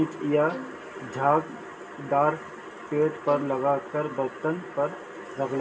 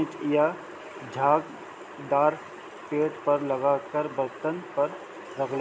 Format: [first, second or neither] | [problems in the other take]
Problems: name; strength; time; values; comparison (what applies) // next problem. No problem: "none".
second | background sound (Bowed string instrument); 17 dB below the speech // room echo; dies away in 0.1 s